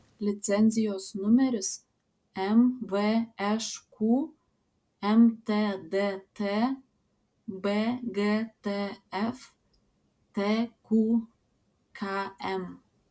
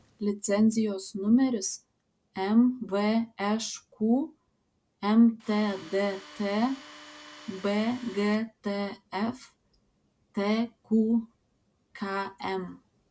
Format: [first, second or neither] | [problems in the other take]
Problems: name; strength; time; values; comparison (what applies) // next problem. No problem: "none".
first | background sound (Tools); 19 dB below the speech